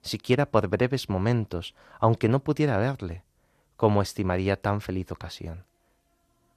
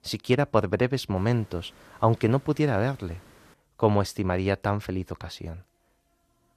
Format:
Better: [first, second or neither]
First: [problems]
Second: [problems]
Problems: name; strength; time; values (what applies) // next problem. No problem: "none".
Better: first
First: none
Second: hiss; faint; from 1 to 3.5 s; 30 dB below the speech